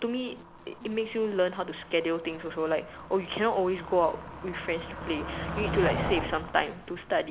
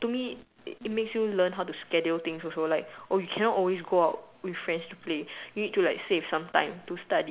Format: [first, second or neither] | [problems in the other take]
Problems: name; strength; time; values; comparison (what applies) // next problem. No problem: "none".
second | background sound (Motor vehicle (road)); 8 dB below the speech